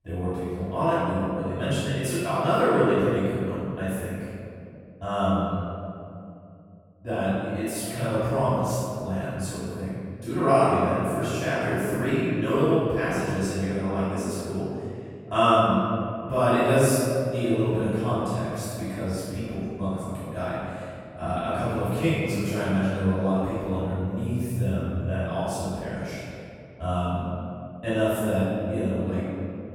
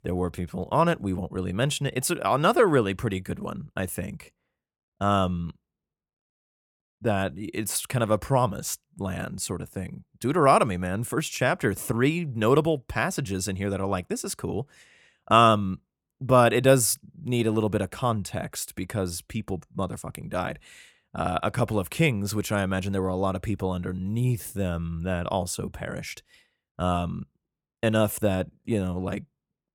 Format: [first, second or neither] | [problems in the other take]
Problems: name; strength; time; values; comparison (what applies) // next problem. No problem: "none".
second | off-mic speech; far // room echo; strong; dies away in 2.4 s